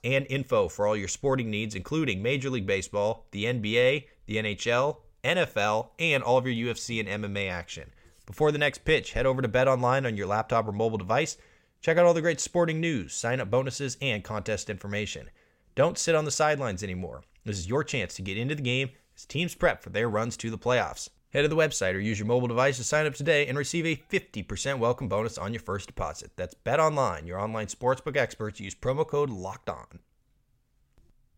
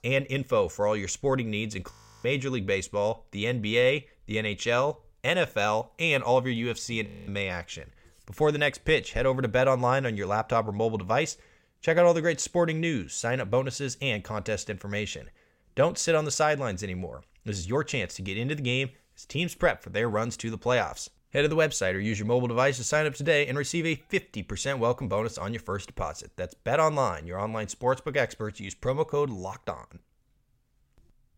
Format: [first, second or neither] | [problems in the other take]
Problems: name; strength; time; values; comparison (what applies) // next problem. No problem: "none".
first | audio freezing; at 2 s and at 7 s